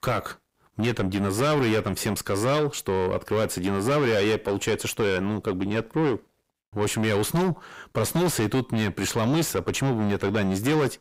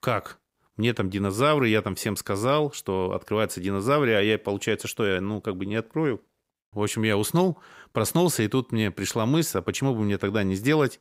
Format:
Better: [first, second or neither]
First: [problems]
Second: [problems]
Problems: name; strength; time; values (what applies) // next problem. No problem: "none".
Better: second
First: distortion; heavy; 6 dB below the speech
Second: none